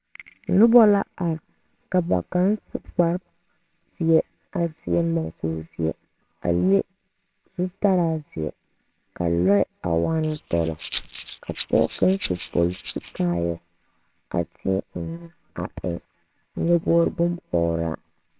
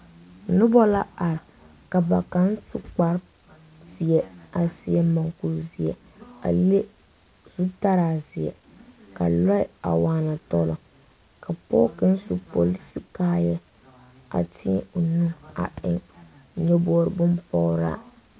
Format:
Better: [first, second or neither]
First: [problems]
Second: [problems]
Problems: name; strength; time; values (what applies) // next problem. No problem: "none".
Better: second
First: noise reduction (neural separator model SepFormer WHAMR!)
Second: none